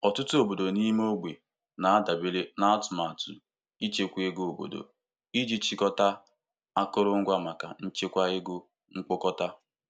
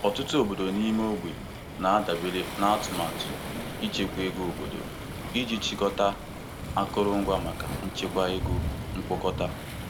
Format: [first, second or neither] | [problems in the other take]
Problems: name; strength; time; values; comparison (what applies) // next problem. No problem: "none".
first | background sound (Thunder / Rain + Waves, surf); 6 dB below the speech